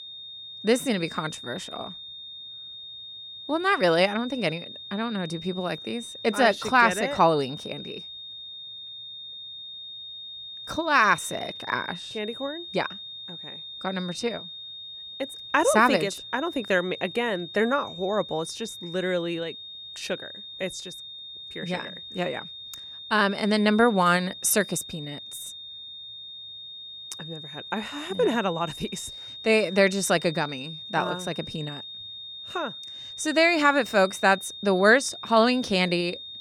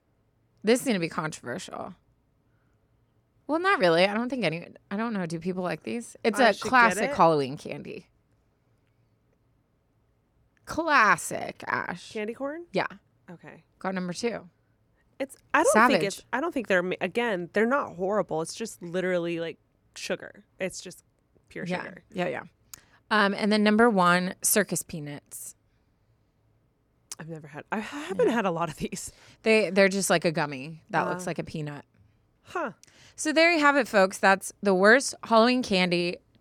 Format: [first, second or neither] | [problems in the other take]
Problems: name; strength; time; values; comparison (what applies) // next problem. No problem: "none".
second | high-pitched whine; noticeable; throughout; 3.5 kHz, 10 dB below the speech